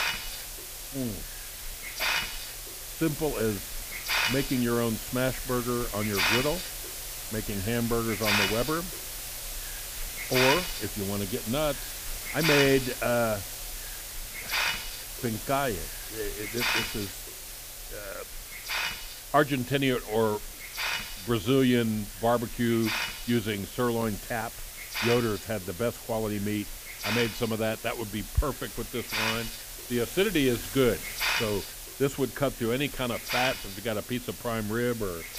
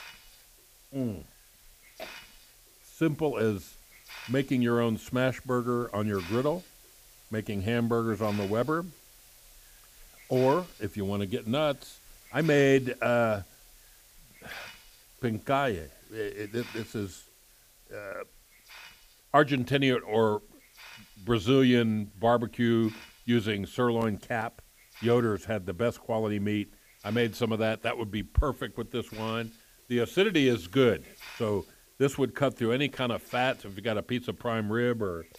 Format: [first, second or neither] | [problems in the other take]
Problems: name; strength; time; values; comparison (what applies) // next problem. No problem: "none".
second | hiss; loud; throughout; 3 dB below the speech; faint in the second